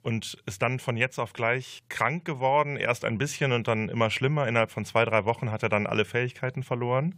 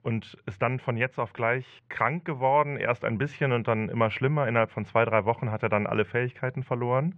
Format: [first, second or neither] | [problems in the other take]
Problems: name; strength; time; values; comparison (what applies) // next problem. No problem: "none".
first | muffled; very; fading above 1.5 kHz